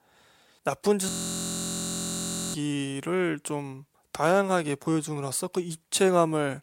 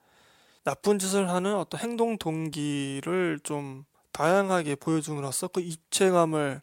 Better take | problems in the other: second | audio freezing; at 1 s for 1.5 s

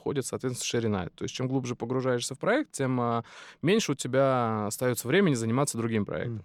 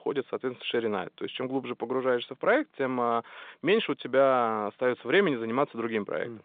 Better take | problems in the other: first | phone-call audio; nothing above 3.5 kHz

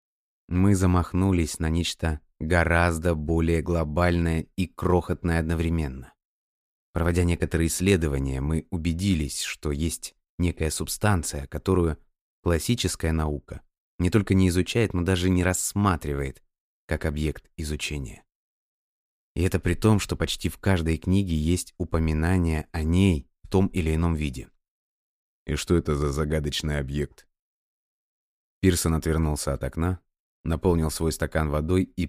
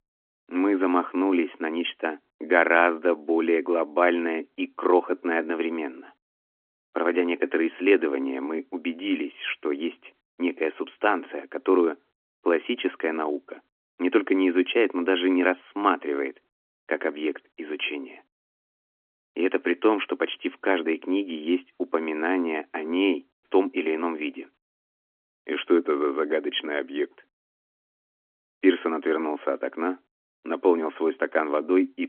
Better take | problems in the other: first | phone-call audio; nothing above 3.5 kHz

